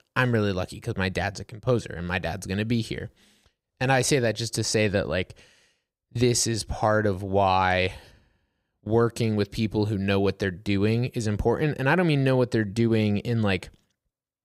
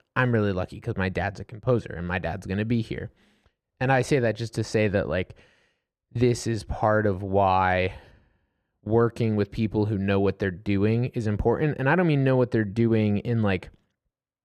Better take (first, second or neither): first